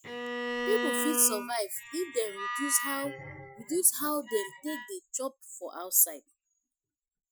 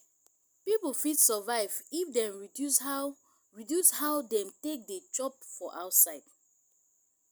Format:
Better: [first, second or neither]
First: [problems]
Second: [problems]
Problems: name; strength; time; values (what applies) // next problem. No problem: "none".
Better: second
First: noise reduction (classical method Wiener filter)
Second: none